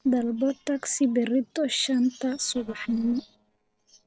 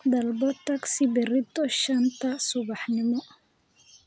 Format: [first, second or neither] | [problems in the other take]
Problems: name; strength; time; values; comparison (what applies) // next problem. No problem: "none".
second | noise reduction (neural separator model SepFormer DNS4)